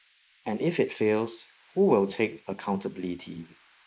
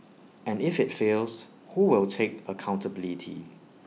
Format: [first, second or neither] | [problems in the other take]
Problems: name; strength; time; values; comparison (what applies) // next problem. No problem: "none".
second | noise reduction (neural mask model Resemble Enhance denoiser)